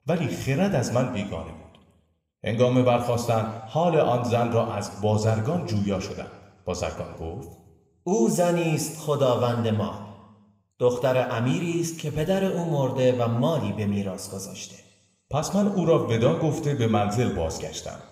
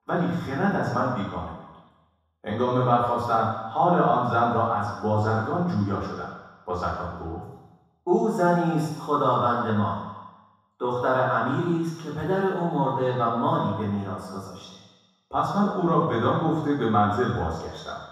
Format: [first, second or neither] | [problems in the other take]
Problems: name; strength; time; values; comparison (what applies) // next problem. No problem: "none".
first | room echo; strong; dies away in 1.2 s; slight in the first // off-mic speech; far